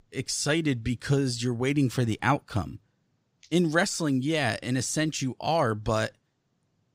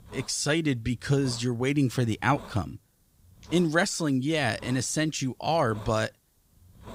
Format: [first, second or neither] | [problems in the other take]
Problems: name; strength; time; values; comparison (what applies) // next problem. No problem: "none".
first | hiss; faint; throughout; 20 dB below the speech